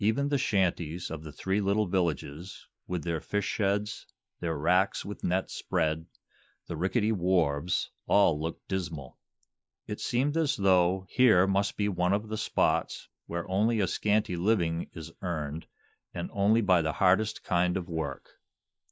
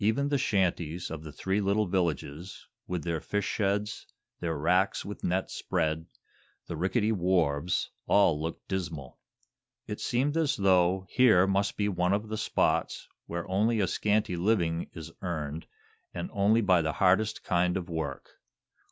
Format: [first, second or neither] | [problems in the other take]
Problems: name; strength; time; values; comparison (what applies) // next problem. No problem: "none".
second | noise reduction (neural mask model Resemble Enhance denoiser)